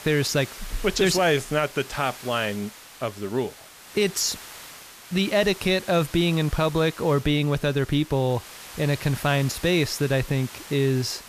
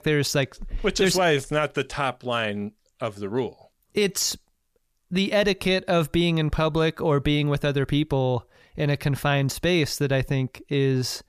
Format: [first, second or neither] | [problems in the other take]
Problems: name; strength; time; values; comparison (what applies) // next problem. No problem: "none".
second | hiss; noticeable; throughout; 15 dB below the speech